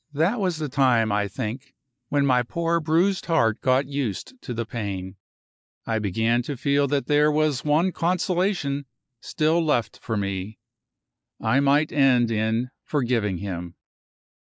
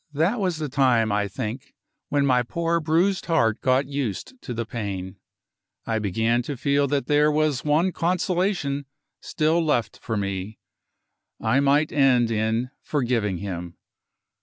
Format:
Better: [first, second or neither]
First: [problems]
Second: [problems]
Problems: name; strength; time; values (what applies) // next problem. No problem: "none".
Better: second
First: noise reduction (neural mask model Resemble Enhance denoiser)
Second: none